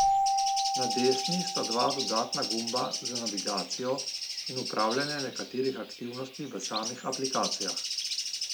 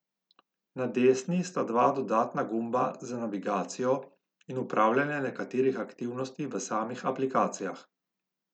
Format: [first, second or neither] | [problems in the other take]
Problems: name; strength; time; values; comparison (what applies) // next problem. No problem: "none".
second | background sound (Keyboard (musical) + Bird); 1 dB above the speech